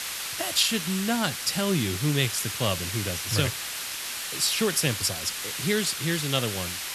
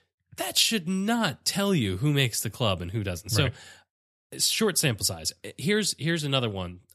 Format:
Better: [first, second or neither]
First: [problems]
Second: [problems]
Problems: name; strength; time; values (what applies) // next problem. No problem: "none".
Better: second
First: hiss; loud; throughout; 4 dB below the speech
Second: none